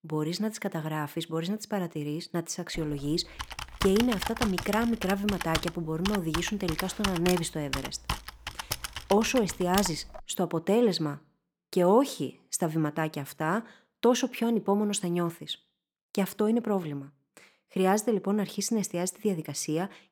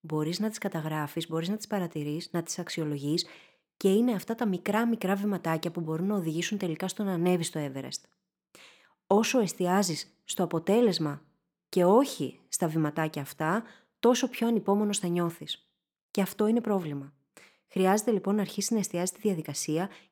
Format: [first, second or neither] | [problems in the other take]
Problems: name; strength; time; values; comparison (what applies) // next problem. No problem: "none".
second | keyboard typing; noticeable; from 3 to 10 s; peak 2 dB below the speech